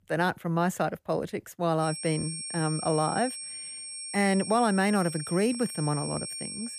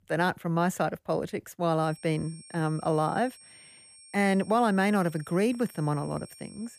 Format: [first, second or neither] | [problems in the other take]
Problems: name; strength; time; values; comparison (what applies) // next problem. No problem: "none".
second | high-pitched whine; loud; from 2 s on; 8.5 kHz, 7 dB below the speech; faint in the second